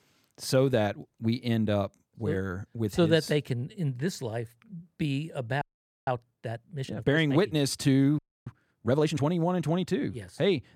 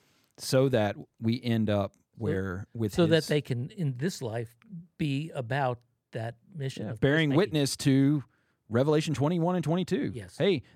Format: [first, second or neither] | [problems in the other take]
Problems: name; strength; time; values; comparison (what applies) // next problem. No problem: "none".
second | audio freezing; at 5.5 s and at 8 s